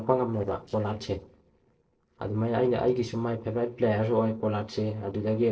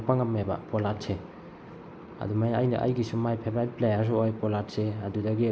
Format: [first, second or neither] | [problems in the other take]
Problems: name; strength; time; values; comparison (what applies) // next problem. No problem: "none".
second | noise reduction (neural separator model SepFormer DNS4)